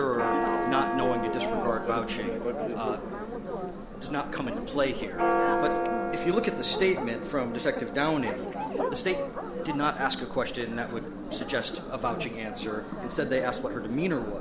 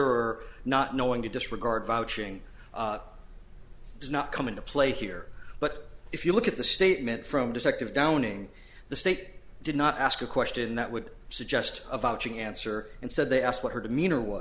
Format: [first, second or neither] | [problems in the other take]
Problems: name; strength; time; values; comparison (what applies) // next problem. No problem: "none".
second | background sound (Church bell); 1 dB below the speech